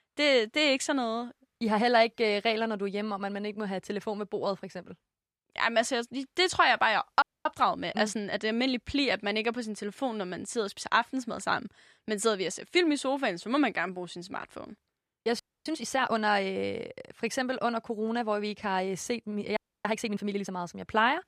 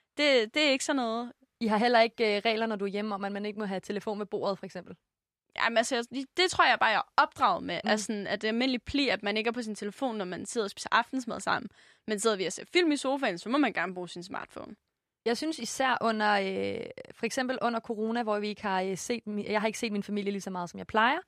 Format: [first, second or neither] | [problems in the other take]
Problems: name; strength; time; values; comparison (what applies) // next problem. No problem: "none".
second | audio freezing; at 7 s, at 15 s and at 20 s